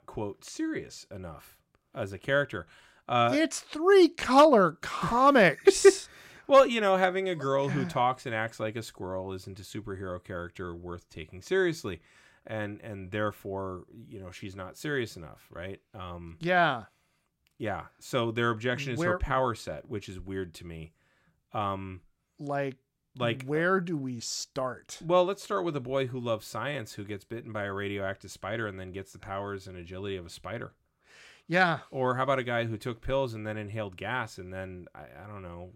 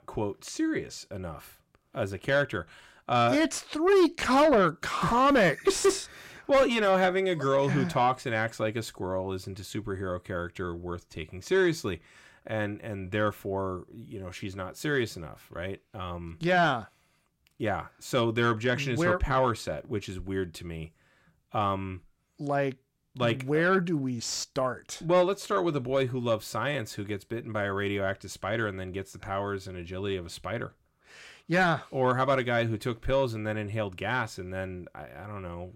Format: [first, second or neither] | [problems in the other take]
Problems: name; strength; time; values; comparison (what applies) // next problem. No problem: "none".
first | distortion; heavy; 8 dB below the speech